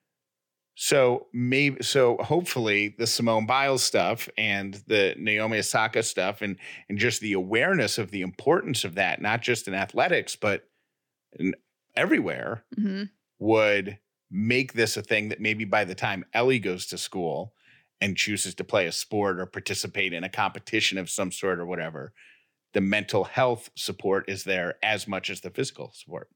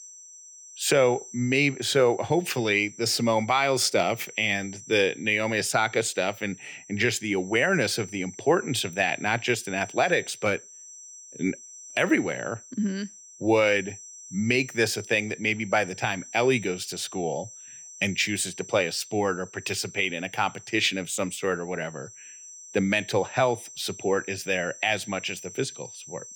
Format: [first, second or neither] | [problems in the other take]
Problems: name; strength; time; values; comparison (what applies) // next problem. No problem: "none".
first | high-pitched whine; noticeable; throughout; 6 kHz, 15 dB below the speech